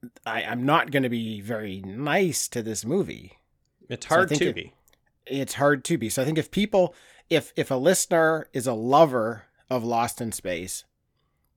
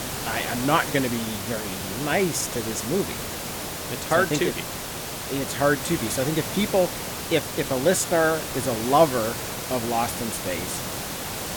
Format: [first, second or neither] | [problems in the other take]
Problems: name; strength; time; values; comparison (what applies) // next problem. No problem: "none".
first | hiss; loud; throughout; 5 dB below the speech